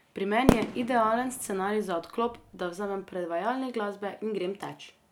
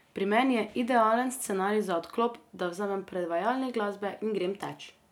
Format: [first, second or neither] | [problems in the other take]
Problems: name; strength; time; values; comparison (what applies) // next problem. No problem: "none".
second | background sound (Fireworks); 2 dB below the speech